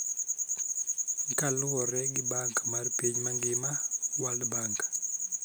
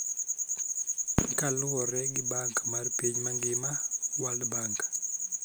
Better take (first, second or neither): first